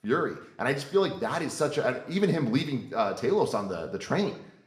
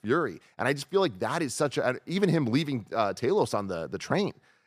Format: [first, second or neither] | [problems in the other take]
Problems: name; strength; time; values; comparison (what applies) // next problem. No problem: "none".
second | room echo; slight; dies away in 0.6 s